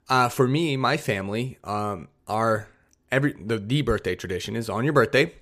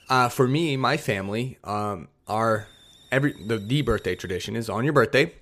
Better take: first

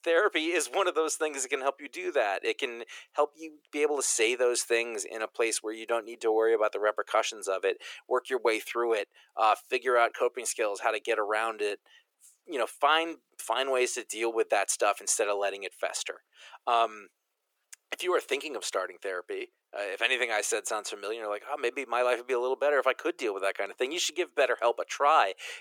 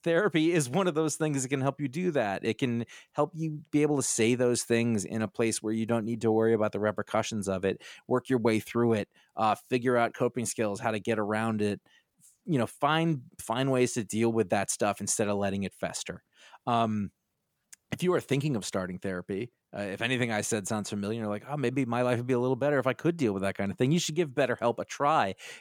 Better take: second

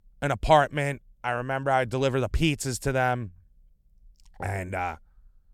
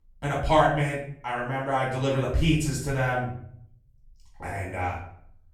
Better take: first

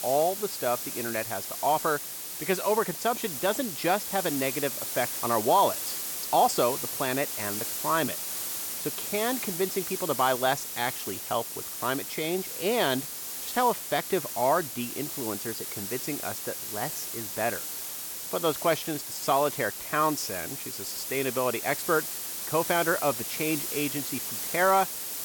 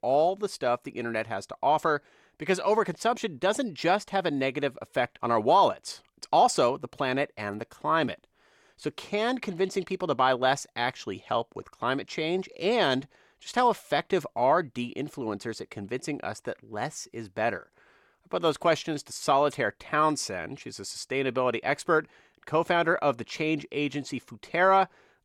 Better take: second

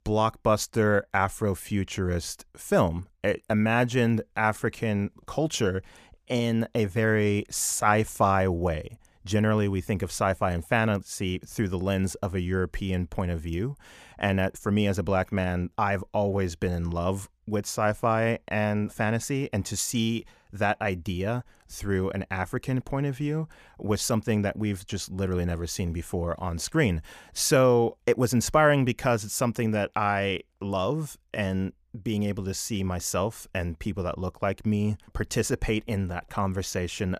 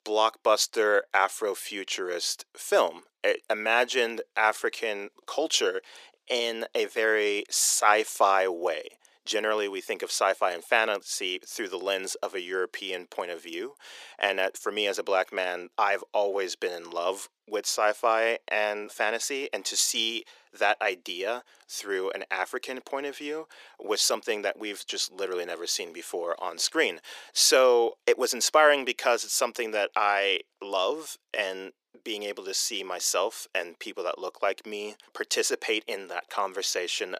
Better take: first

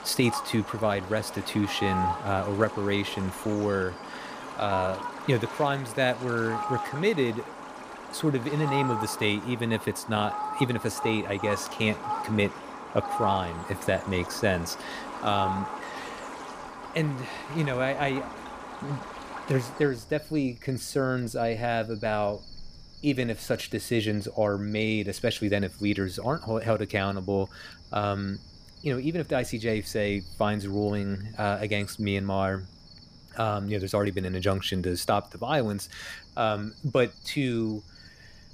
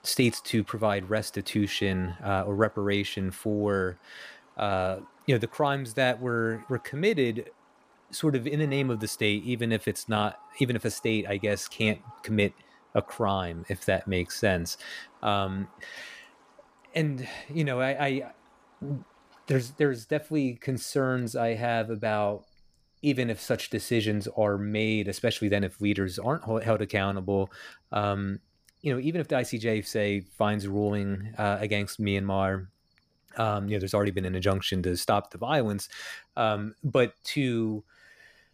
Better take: second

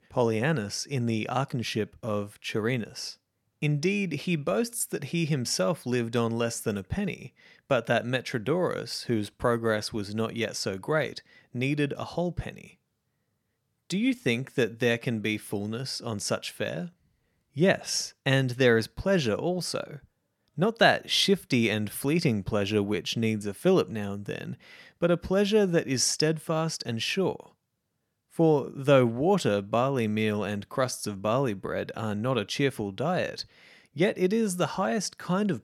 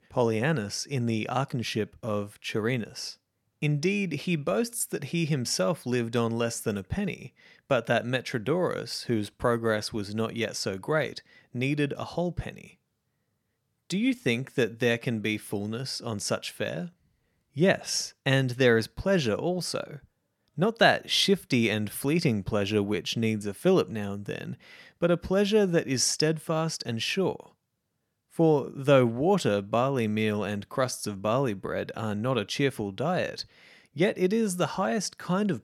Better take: neither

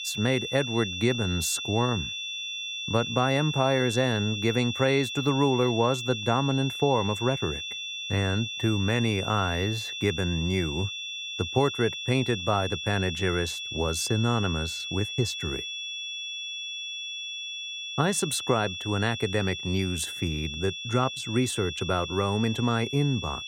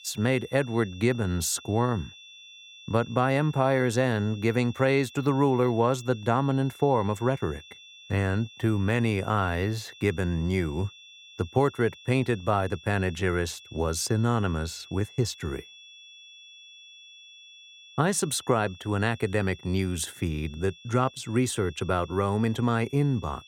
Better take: second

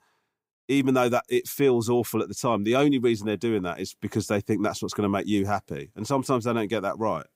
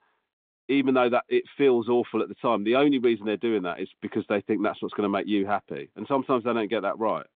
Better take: first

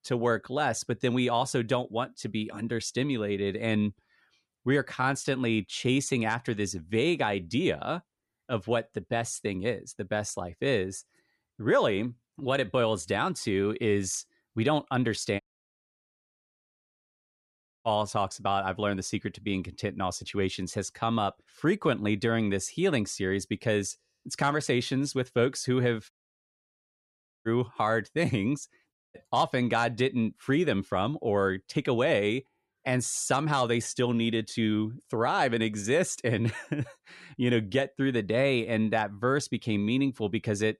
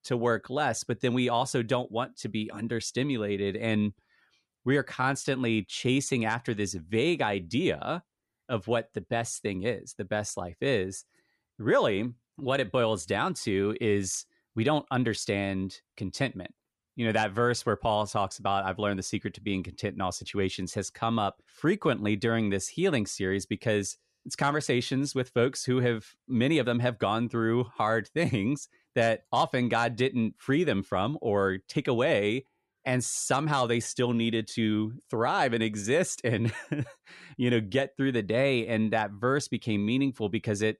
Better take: second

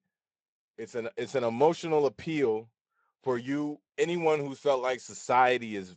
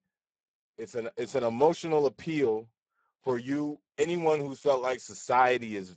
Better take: first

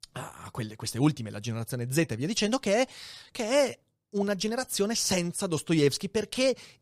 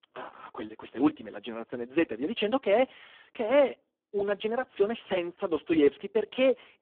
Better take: first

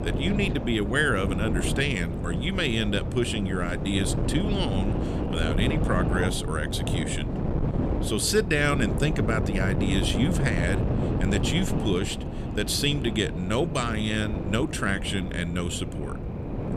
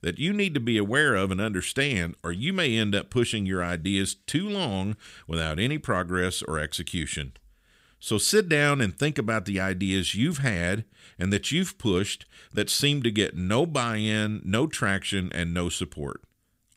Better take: second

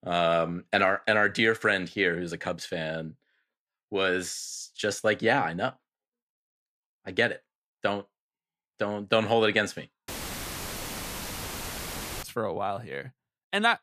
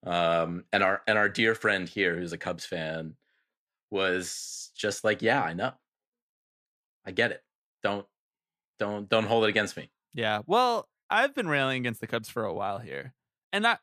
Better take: second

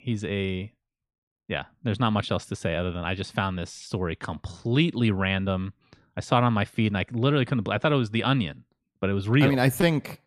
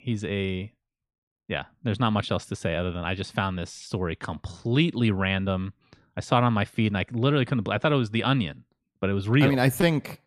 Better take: neither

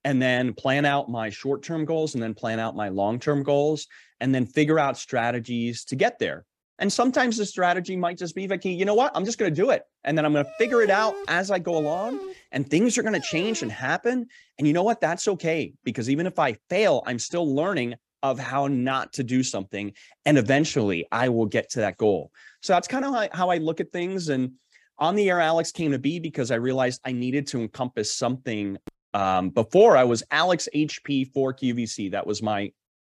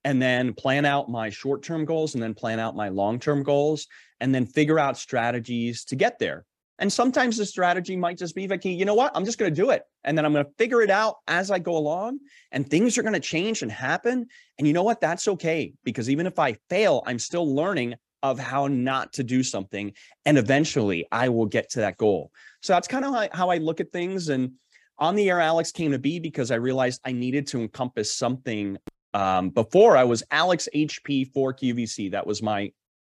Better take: second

